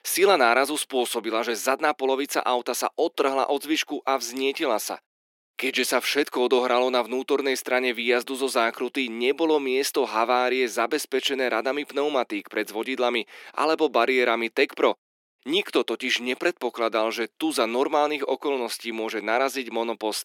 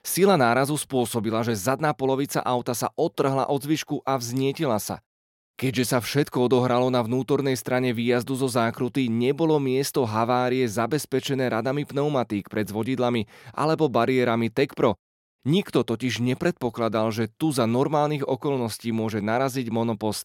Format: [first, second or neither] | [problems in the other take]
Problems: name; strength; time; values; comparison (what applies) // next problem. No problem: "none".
second | thin; somewhat; fading below 300 Hz